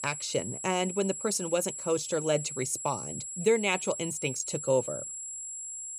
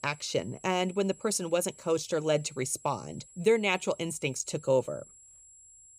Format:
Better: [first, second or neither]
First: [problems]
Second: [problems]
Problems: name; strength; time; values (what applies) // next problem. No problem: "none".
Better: second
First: high-pitched whine; loud; throughout; 7.5 kHz, 6 dB below the speech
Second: high-pitched whine; faint; throughout; 7.5 kHz, 20 dB below the speech